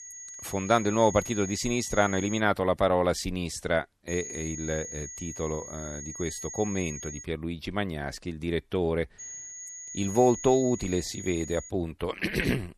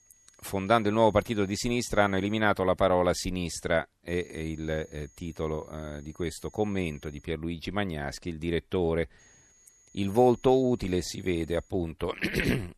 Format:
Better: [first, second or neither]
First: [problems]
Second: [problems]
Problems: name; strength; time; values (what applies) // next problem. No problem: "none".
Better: second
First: high-pitched whine; loud; until 2.5 s, from 4 to 7 s and from 9 to 12 s; 6.5 kHz, 10 dB below the speech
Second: high-pitched whine; faint; until 2.5 s, from 4 to 7 s and from 9 to 12 s; 6.5 kHz, 30 dB below the speech